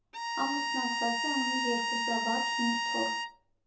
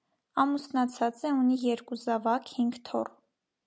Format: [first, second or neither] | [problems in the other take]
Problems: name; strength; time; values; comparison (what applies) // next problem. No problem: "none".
second | background sound (Bowed string instrument); 3 dB above the speech // room echo; dies away in 0.7 s